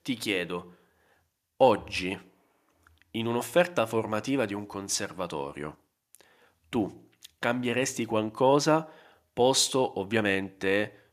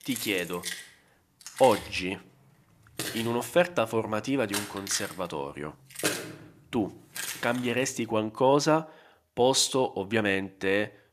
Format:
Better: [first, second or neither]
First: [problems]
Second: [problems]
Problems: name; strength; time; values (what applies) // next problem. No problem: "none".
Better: first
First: none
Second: jangling keys; noticeable; until 7.5 s; peak 2 dB below the speech